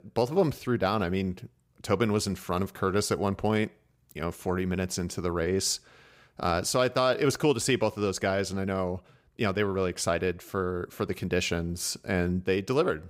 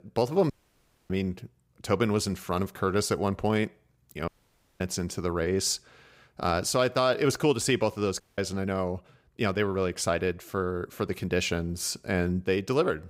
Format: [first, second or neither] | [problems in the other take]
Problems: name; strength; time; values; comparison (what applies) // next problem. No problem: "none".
first | audio cutting out; at 0.5 s for 0.5 s, at 4.5 s for 0.5 s and at 8 s